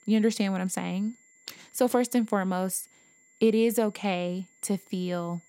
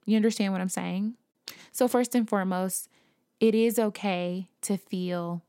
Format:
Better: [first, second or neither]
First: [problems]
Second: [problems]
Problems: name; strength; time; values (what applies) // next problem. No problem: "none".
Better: second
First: high-pitched whine; faint; throughout; 2 kHz, 30 dB below the speech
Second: none